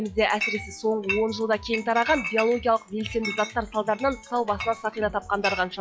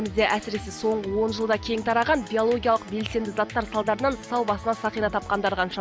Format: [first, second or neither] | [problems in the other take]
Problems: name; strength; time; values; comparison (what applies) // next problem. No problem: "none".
second | noise reduction (classical method log-MMSE)